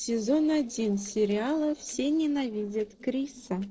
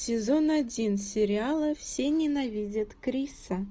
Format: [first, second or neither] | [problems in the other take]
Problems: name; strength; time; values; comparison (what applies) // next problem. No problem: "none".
second | noise reduction (neural separator model SepFormer DNS4)